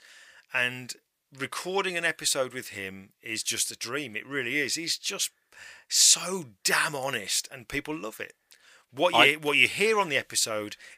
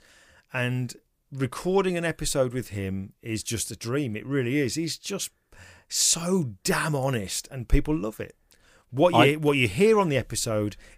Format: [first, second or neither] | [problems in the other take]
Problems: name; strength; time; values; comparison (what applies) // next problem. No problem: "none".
second | thin; somewhat; fading below 950 Hz